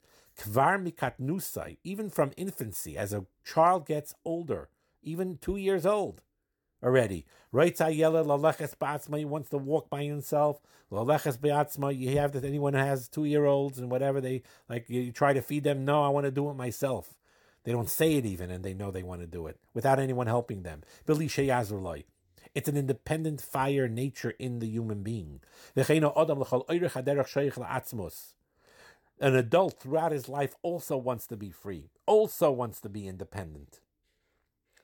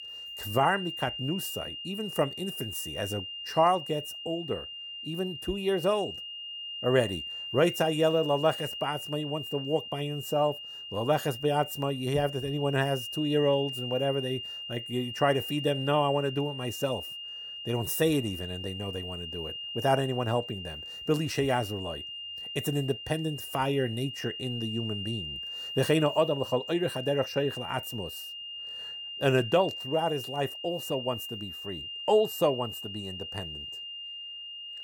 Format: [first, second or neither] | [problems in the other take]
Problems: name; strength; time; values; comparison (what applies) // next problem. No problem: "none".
first | high-pitched whine; loud; throughout; 3 kHz, 7 dB below the speech